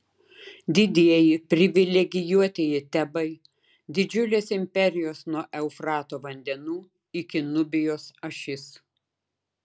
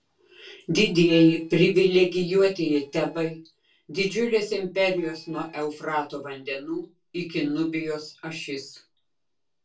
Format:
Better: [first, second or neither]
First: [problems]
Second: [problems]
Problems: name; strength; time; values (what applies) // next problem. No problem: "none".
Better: first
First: none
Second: noise reduction (neural separator model SepFormer DNS4)